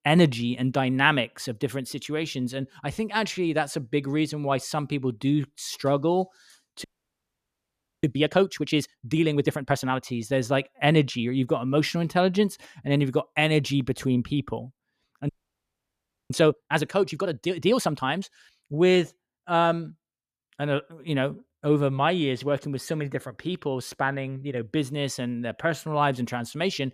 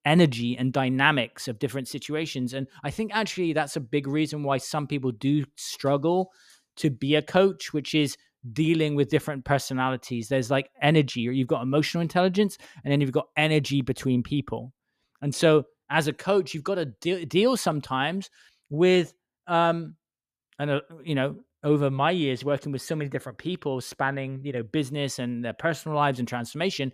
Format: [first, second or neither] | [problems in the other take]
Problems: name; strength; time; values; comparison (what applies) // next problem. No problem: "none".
second | audio freezing; at 7 s for 1 s and at 15 s for 1 s